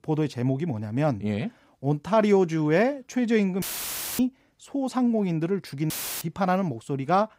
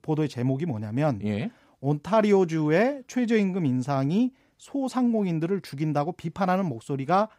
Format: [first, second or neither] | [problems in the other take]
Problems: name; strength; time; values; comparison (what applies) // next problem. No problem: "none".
second | audio cutting out; filled with static; at 3.5 s for 0.5 s and at 6 s